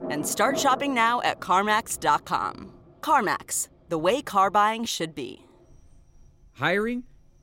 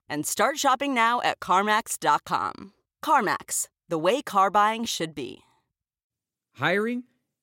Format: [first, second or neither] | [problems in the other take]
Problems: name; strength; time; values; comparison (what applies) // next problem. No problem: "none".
second | rain or running water; noticeable; throughout; 15 dB below the speech